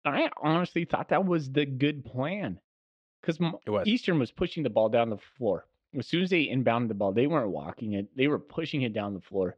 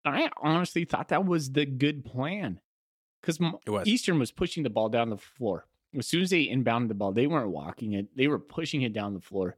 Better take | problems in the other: second | muffled; slightly; fading above 4 kHz

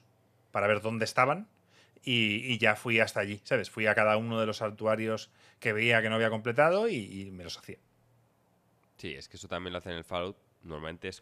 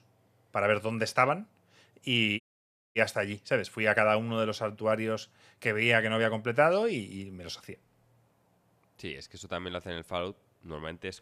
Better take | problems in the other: first | audio cutting out; at 2.5 s for 0.5 s

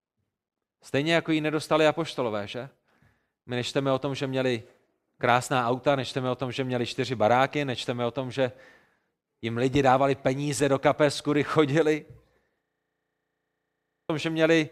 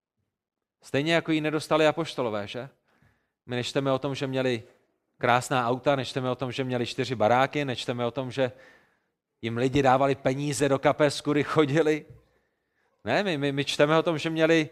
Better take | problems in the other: second | audio freezing; at 13 s for 1.5 s

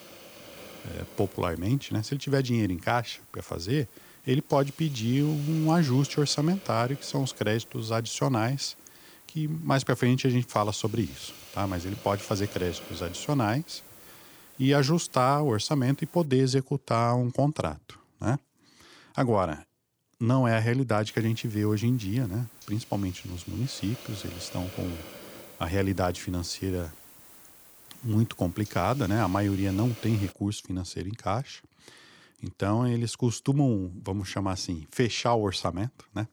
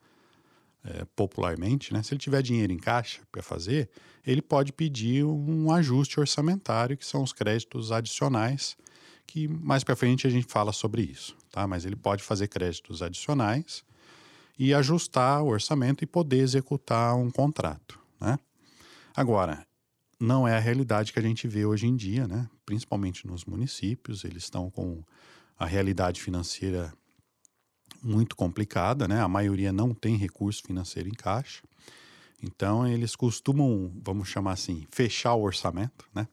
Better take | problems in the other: second | hiss; noticeable; until 16 s and from 21 to 30 s; 20 dB below the speech

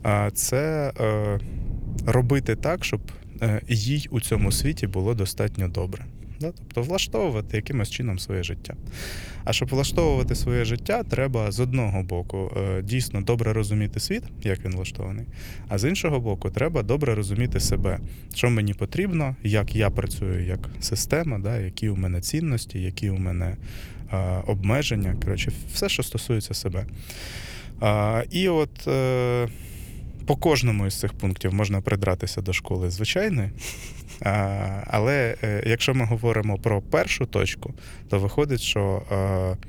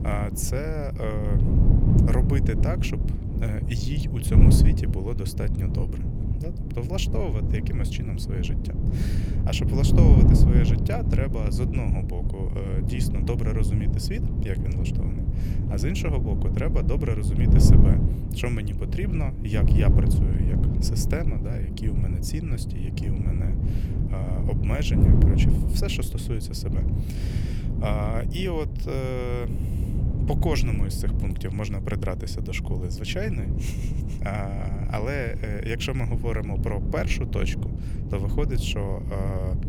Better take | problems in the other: first | wind noise on the microphone; heavy; 2 dB below the speech; occasional gusts in the first

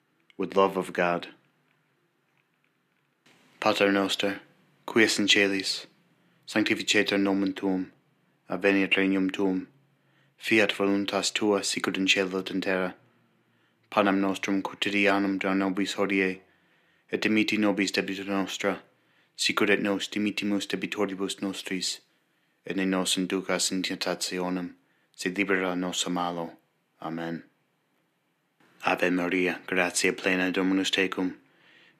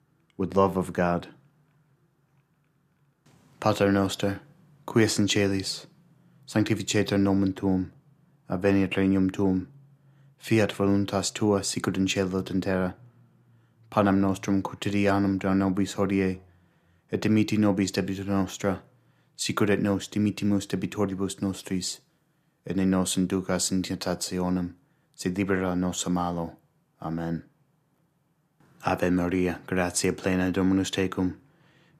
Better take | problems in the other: second | thin; very slightly; fading below 300 Hz

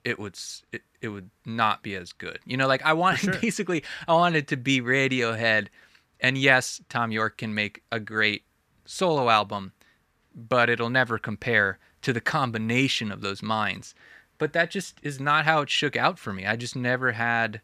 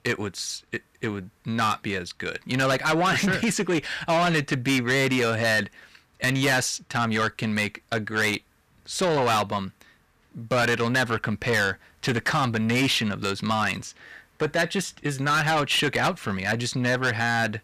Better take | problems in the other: first | distortion; heavy; 6 dB below the speech

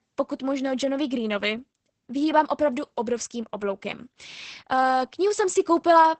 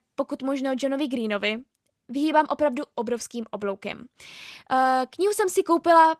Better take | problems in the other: second | garbled, watery; badly; nothing above 8 kHz; slightly in the second

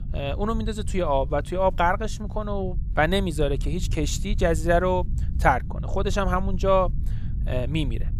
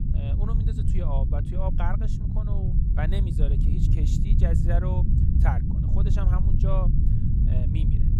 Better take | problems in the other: first | low rumble; loud; throughout; 1 dB below the speech; faint in the first

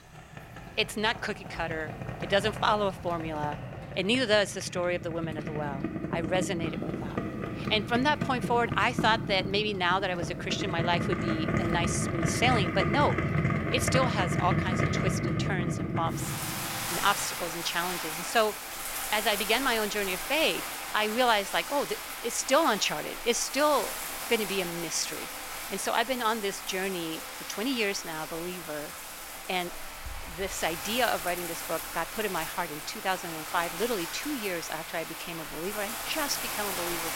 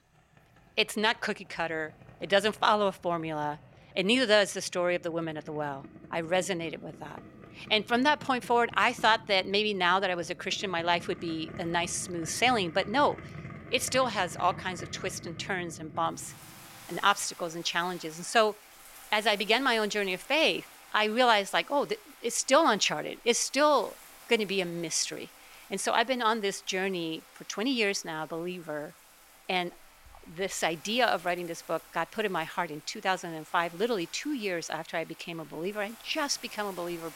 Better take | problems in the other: second | household noises; loud; throughout; 4 dB below the speech; faint in the second

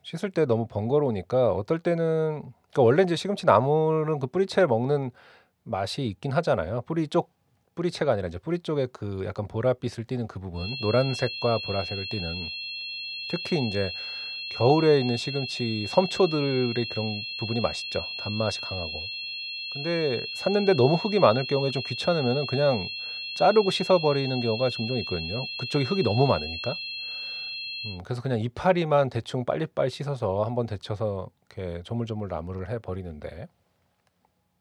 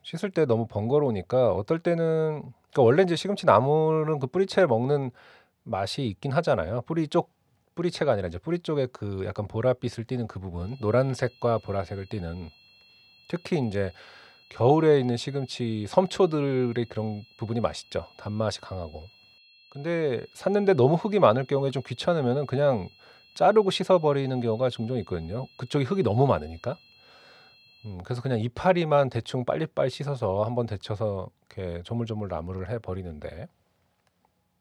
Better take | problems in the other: second | high-pitched whine; loud; from 11 to 28 s; 4 kHz, 6 dB below the speech; faint in the second

